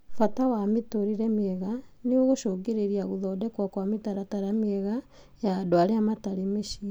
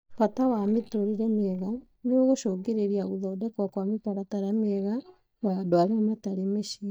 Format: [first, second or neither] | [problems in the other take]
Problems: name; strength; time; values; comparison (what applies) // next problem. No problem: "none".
first | noise reduction (neural mask model DeepFilterNet 3)